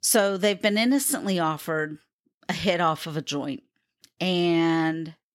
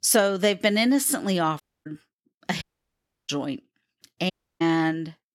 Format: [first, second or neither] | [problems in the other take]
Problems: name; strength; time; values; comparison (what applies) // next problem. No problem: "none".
first | audio cutting out; at 1.5 s, at 2.5 s for 0.5 s and at 4.5 s